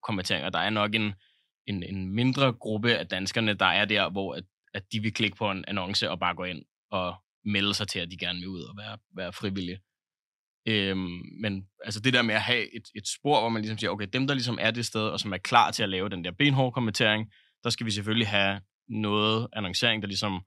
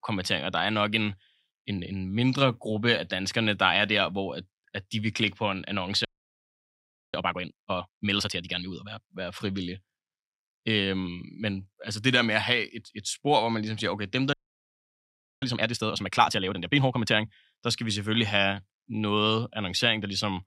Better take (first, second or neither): first